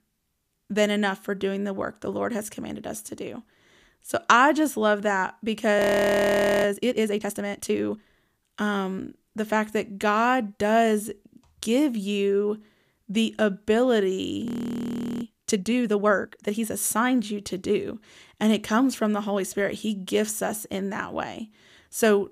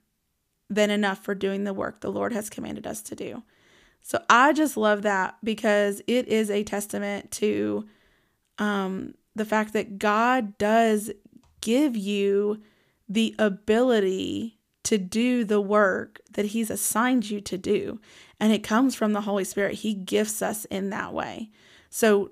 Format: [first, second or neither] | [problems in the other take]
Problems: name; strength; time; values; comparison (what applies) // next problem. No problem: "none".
second | audio freezing; at 6 s for 1 s and at 14 s for 1 s